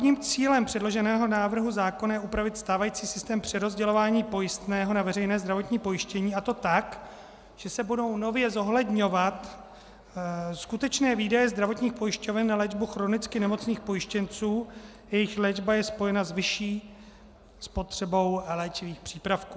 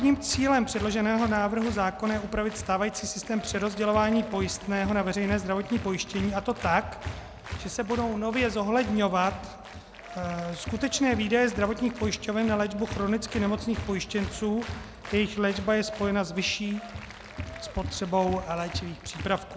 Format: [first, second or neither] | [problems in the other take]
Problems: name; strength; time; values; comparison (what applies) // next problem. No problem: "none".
first | background sound (Applause); 12 dB below the speech